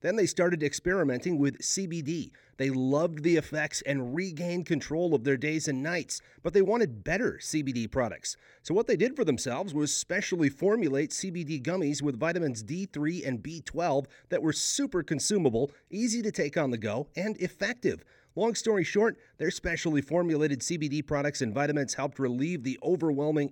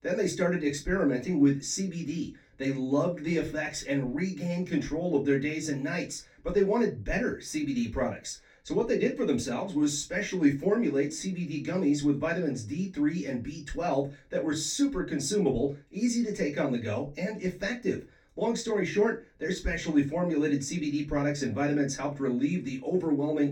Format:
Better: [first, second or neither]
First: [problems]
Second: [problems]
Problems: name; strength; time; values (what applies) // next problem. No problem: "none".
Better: first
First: none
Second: off-mic speech; far // room echo; very slight; dies away in 0.2 s